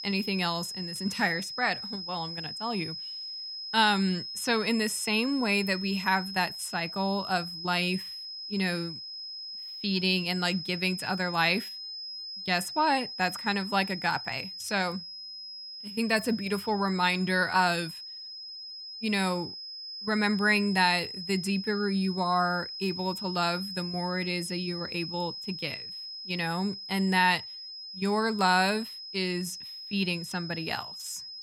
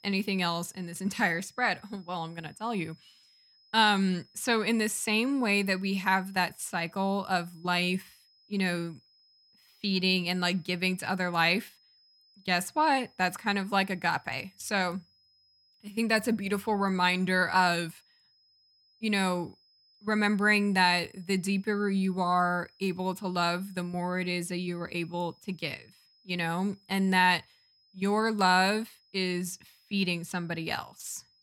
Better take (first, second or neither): second